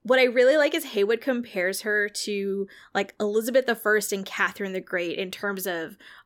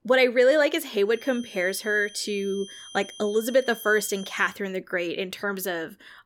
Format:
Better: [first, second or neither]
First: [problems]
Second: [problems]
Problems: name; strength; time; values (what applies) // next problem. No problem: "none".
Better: first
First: none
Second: high-pitched whine; noticeable; from 1 to 4.5 s; 3 kHz, 15 dB below the speech